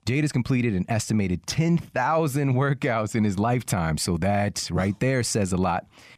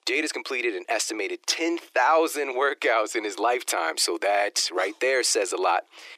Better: first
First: none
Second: thin; very; fading below 350 Hz

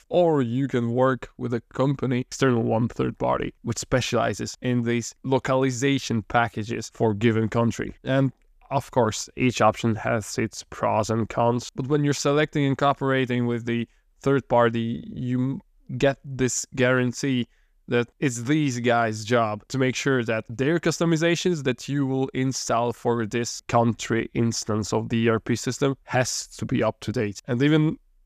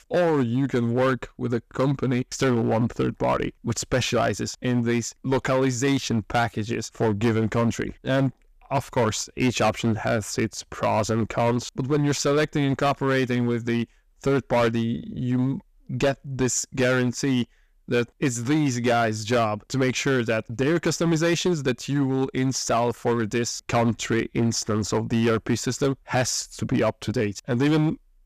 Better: first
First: none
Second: distortion; slight; 8% of the sound clipped

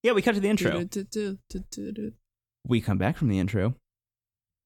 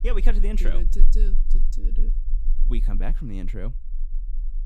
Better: first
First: none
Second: low rumble; noticeable; throughout; 15 dB below the speech

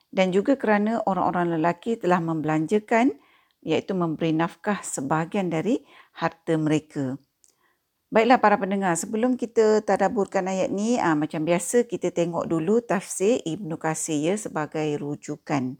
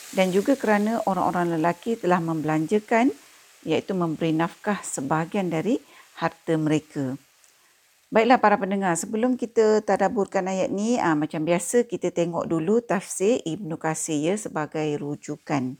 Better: first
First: none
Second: hiss; faint; throughout; 25 dB below the speech

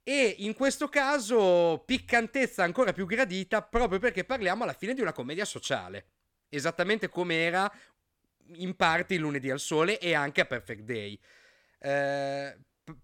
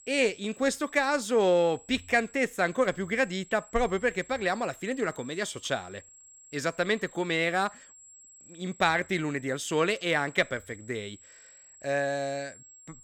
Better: first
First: none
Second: high-pitched whine; faint; throughout; 7.5 kHz, 20 dB below the speech

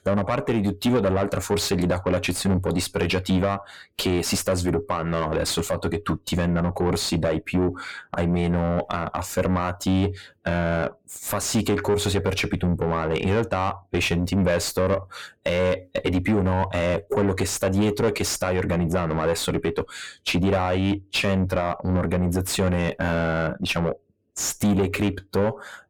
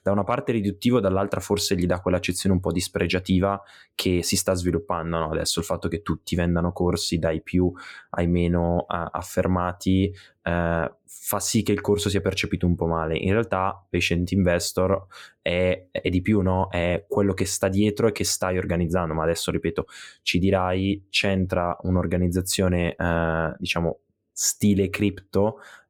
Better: second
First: distortion; heavy; 7 dB below the speech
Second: none

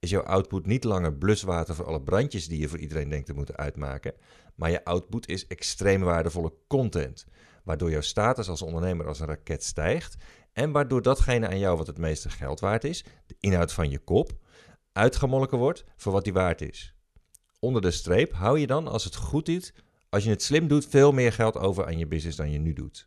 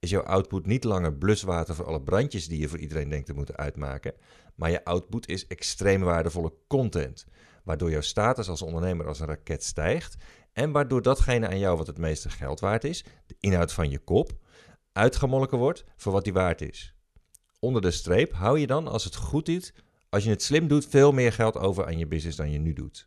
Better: neither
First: none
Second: none

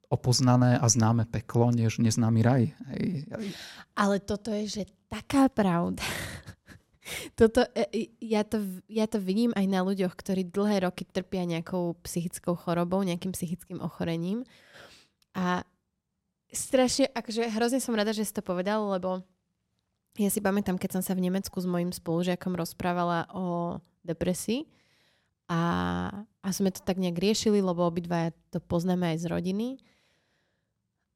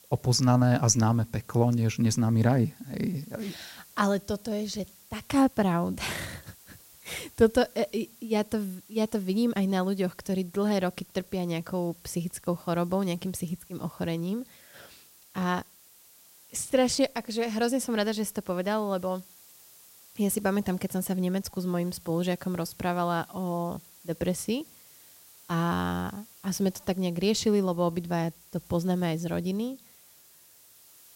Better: first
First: none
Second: hiss; faint; throughout; 25 dB below the speech

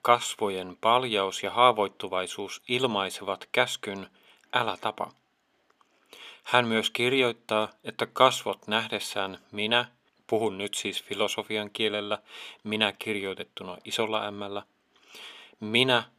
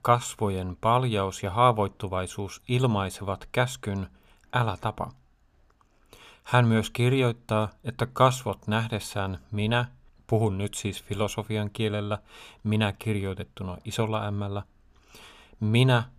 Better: second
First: thin; somewhat; fading below 350 Hz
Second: none

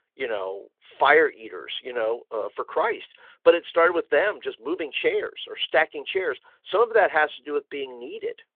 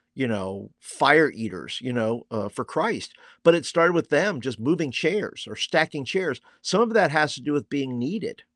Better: second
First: phone-call audio; nothing above 3.5 kHz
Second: none

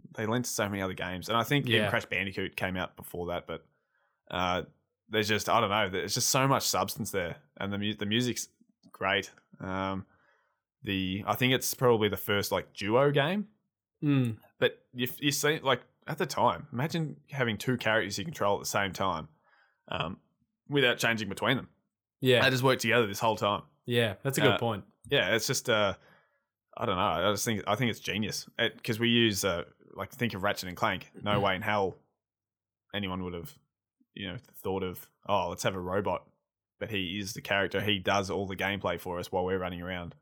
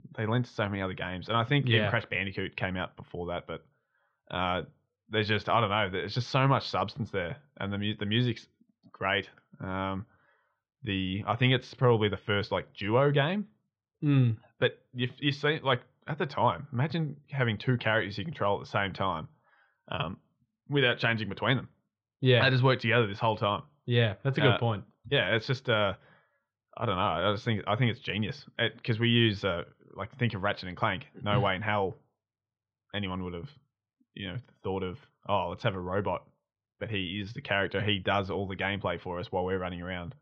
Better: first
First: none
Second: muffled; slightly; fading above 4 kHz

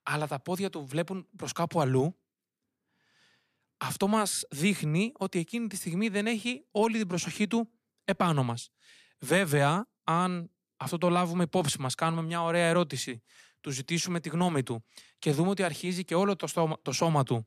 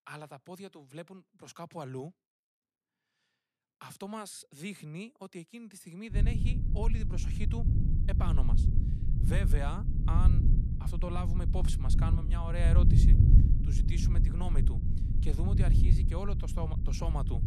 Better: first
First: none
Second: low rumble; loud; from 6 s on; 1 dB below the speech

